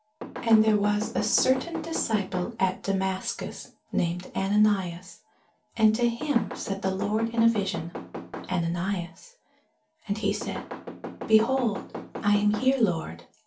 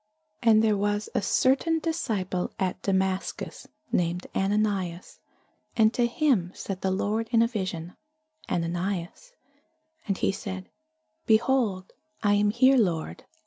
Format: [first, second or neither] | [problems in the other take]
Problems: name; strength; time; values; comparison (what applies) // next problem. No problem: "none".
second | background sound (Knock / Wood); 10 dB below the speech // room echo; dies away in 0.2 s